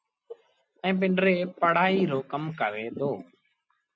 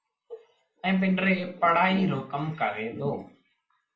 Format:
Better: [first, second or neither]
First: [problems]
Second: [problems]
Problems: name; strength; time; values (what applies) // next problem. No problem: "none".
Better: first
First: none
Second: room echo; dies away in 0.4 s